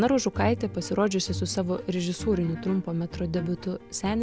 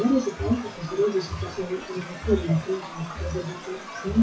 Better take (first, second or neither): first